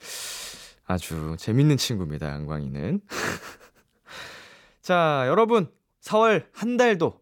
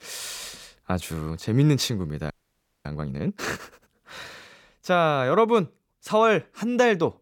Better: first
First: none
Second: audio freezing; at 2.5 s for 0.5 s

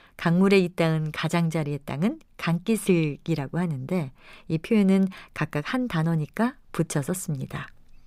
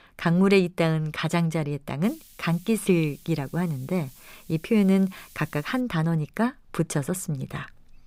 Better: first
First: none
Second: hiss; faint; from 2 to 6 s; 25 dB below the speech

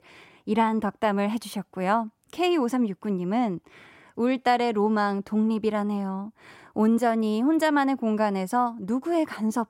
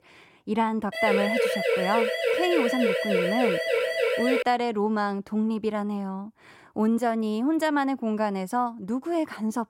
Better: first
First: none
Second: siren; loud; from 1 to 4.5 s; peak 3 dB above the speech

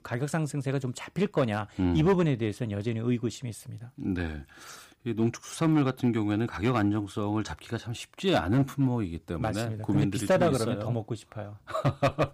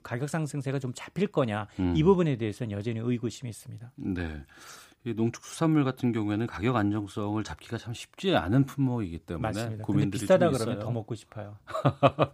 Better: second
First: distortion; slight; 3% of the sound clipped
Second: none

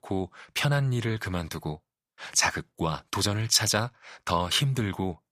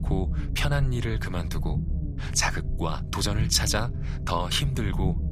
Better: first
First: none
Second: low rumble; noticeable; throughout; 15 dB below the speech

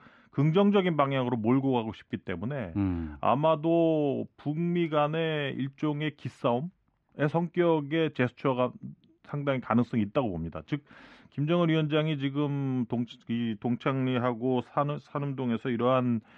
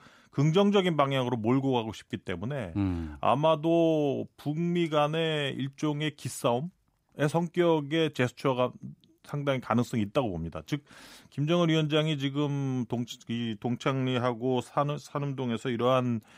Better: second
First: muffled; very; fading above 2.5 kHz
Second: none

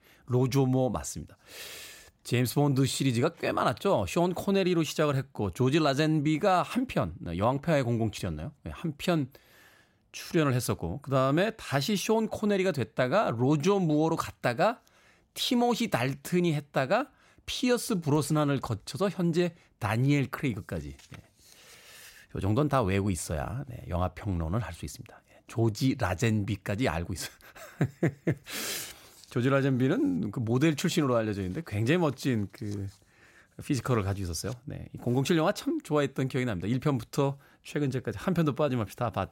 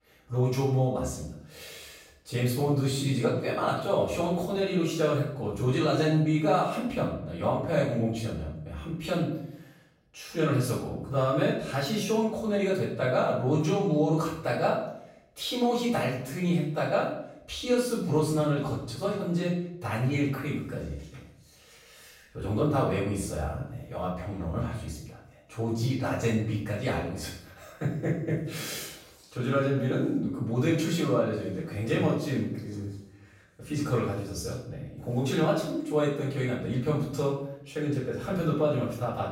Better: first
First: none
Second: room echo; noticeable; dies away in 0.6 s // off-mic speech; far

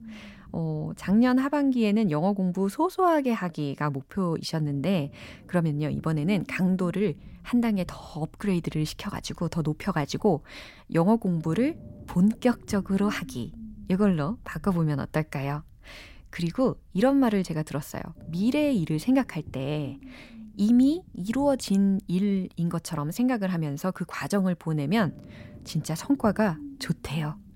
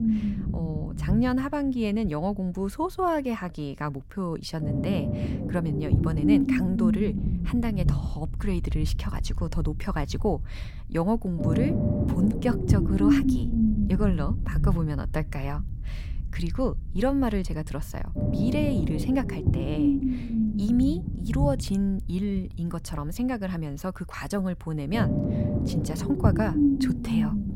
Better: first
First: low rumble; faint; throughout; 25 dB below the speech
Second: low rumble; loud; throughout; as loud as the speech

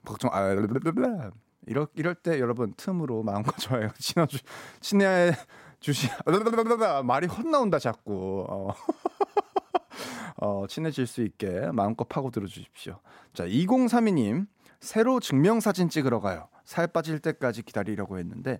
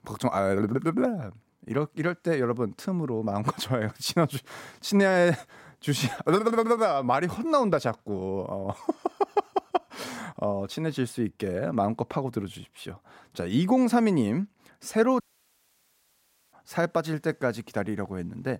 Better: first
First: none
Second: audio cutting out; at 15 s for 1.5 s

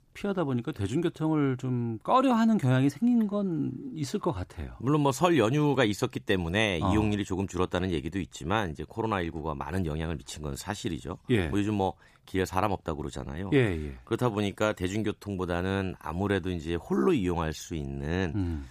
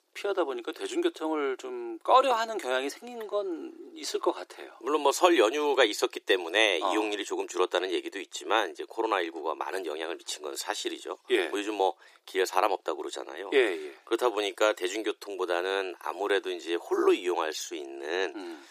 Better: first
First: none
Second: thin; very; fading below 350 Hz

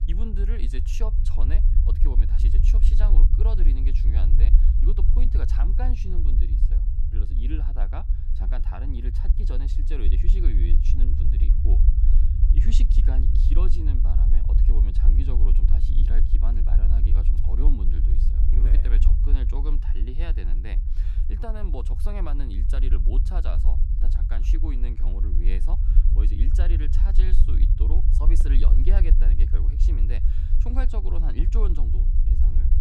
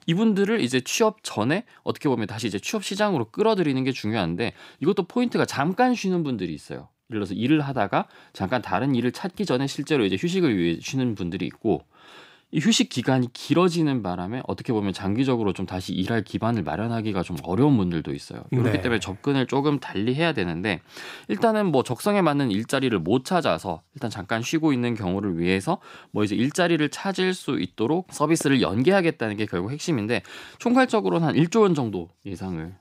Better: second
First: low rumble; loud; throughout; 3 dB below the speech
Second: none

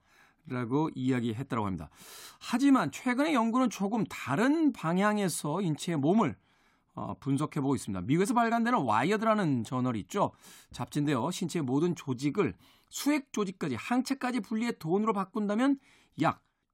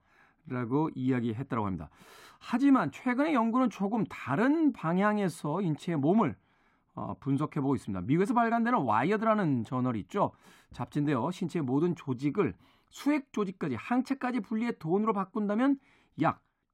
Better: first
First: none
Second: muffled; slightly; fading above 3.5 kHz

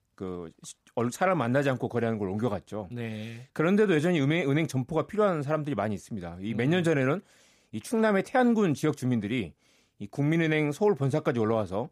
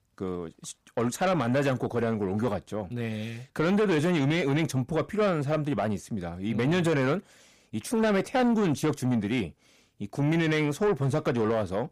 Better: first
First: none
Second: distortion; slight; 10 dB below the speech

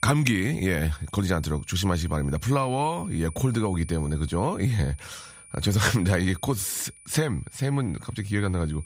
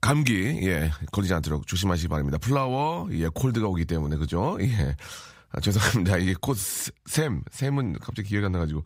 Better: second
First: high-pitched whine; noticeable; throughout; 9.5 kHz, 20 dB below the speech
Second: none

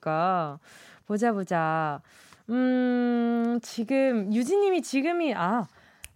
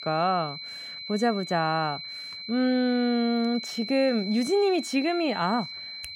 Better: first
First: none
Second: high-pitched whine; loud; throughout; 4 kHz, 9 dB below the speech

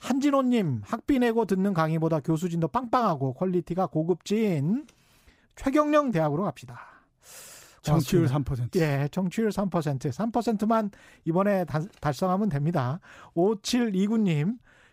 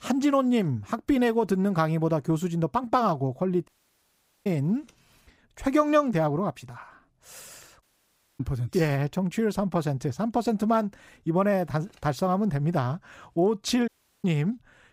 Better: first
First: none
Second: audio cutting out; at 3.5 s for 1 s, at 8 s for 0.5 s and at 14 s

